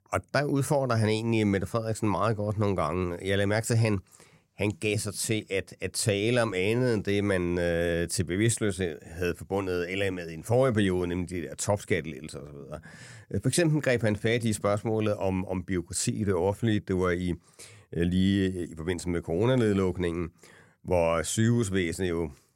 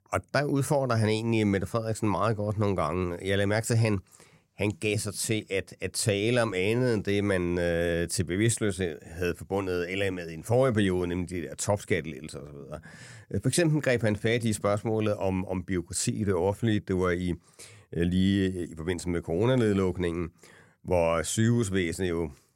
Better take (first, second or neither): neither